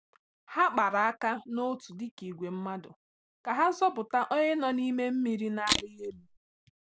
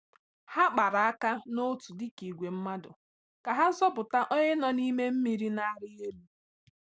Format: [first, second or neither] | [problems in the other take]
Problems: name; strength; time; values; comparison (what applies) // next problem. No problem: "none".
second | background sound (Camera); 2 dB below the speech